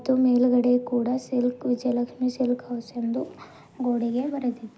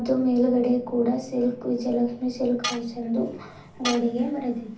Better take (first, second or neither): first